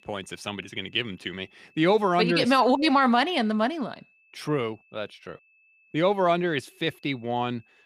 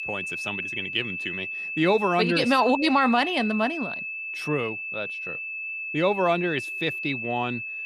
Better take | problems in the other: first | high-pitched whine; loud; throughout; 2.5 kHz, 5 dB below the speech; faint in the first

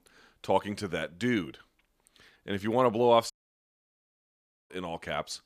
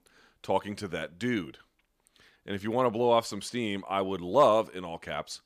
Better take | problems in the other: second | audio cutting out; at 3.5 s for 1.5 s

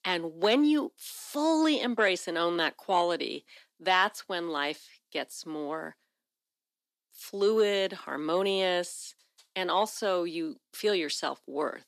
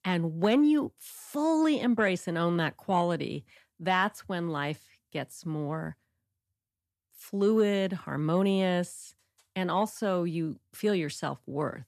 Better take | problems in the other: second | thin; somewhat; fading below 300 Hz

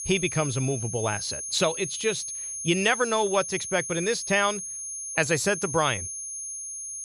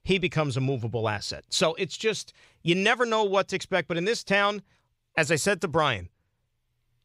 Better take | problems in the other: second | high-pitched whine; loud; throughout; 6.5 kHz, 6 dB below the speech

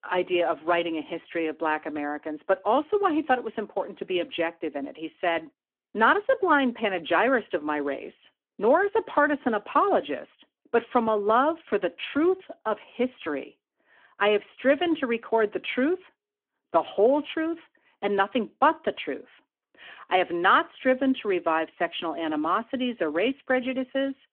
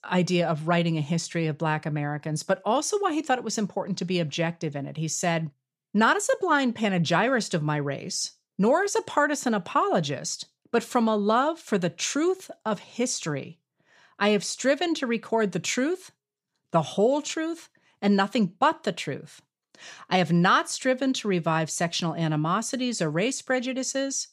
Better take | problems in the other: second | phone-call audio

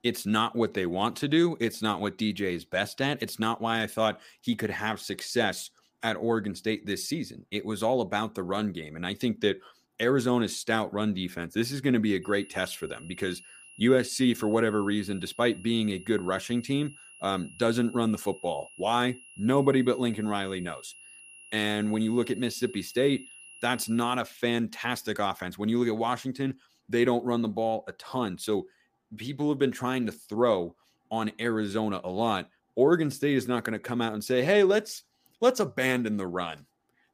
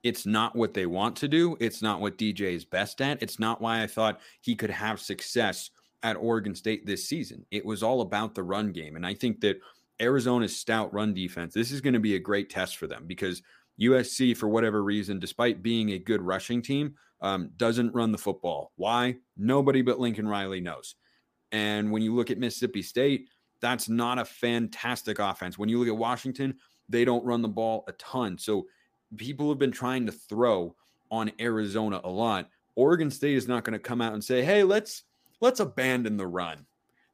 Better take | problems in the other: second | high-pitched whine; noticeable; from 12 to 24 s; 3 kHz, 20 dB below the speech

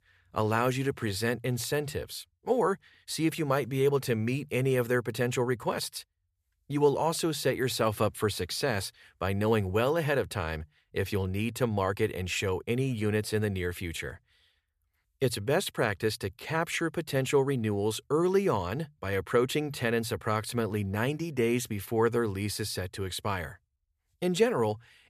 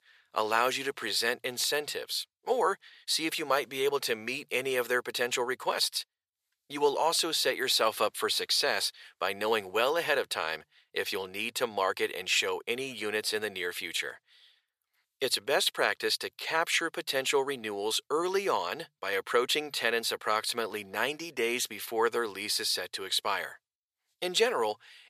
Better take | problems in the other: first | thin; very; fading below 550 Hz

